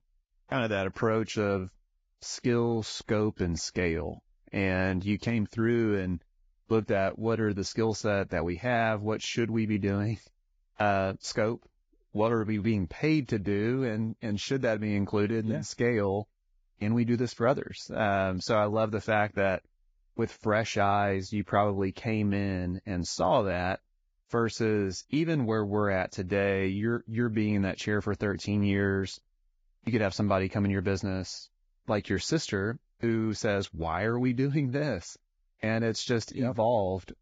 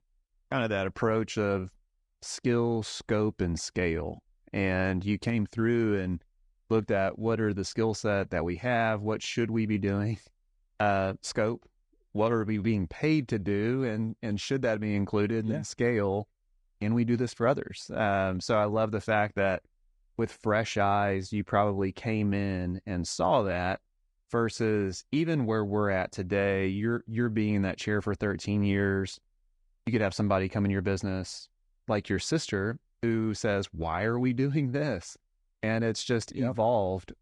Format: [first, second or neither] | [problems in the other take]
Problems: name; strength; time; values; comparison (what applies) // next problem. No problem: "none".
second | garbled, watery; badly; nothing above 7.5 kHz; slightly in the second